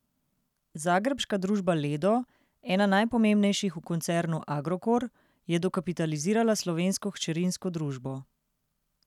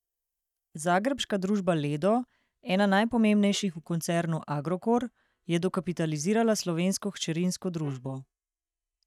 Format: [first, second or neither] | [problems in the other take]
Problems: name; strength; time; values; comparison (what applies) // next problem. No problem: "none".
first | noise reduction (neural mask model DeepFilterNet 3)